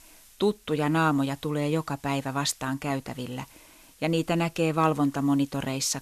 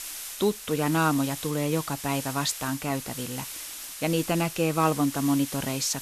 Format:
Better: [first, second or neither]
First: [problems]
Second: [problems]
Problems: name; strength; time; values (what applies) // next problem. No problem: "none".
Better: first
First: hiss; faint; throughout; 25 dB below the speech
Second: hiss; loud; throughout; 8 dB below the speech